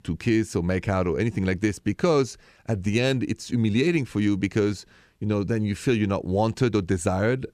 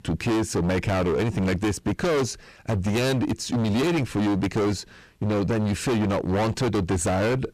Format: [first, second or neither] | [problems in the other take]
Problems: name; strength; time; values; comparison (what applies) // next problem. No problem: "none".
first | distortion; heavy; 30% of the sound clipped